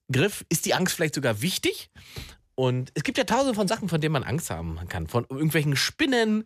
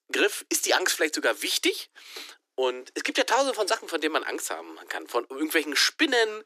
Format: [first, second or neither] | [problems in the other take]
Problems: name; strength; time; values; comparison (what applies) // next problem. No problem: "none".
first | thin; very; fading below 300 Hz